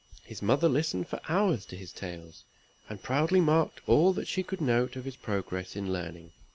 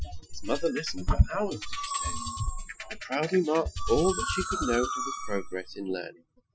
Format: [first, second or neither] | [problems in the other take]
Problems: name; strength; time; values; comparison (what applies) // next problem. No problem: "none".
first | noise reduction (classical method Wiener filter)